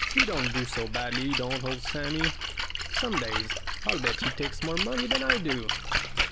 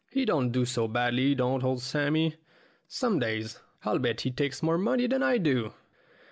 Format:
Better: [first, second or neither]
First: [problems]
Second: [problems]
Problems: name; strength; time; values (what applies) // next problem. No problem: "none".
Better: second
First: background sound (Splash, splatter); 3 dB above the speech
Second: none